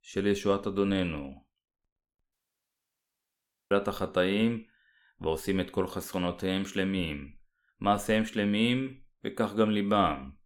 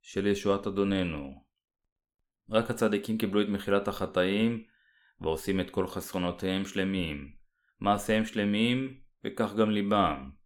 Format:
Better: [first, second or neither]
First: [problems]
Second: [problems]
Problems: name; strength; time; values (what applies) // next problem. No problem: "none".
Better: second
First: audio cutting out; at 2.5 s for 1.5 s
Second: none